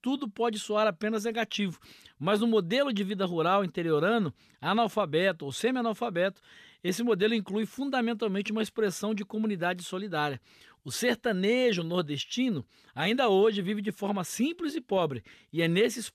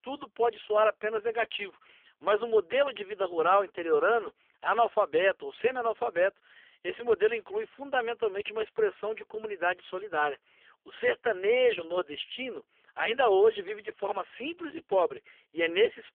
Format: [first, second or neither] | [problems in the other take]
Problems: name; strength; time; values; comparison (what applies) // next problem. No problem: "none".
first | phone-call audio; poor line; nothing above 3.5 kHz